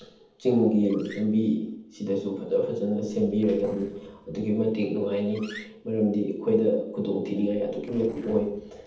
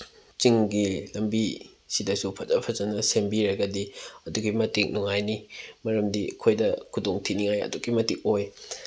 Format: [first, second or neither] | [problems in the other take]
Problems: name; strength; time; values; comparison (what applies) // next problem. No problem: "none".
second | noise reduction (neural separator model SepFormer DNS4)